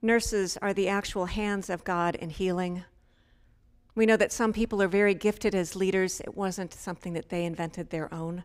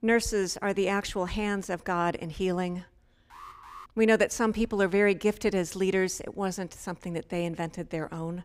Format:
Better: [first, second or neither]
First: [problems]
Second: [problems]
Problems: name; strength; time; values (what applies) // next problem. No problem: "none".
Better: first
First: none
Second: alarm; faint; at 3.5 s; peak 15 dB below the speech